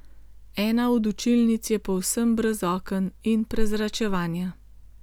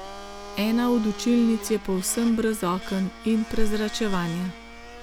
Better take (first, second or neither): first